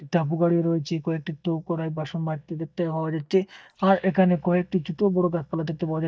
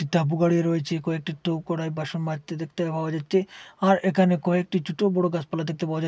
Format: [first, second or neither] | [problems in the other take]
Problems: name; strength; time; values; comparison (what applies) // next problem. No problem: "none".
second | noise reduction (neural mask model DeepFilterNet 3)